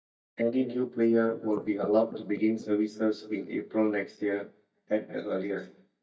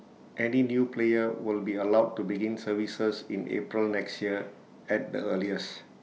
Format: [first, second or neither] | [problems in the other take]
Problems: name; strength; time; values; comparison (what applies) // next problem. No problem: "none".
second | noise reduction (neural mask model DeepFilterNet 3)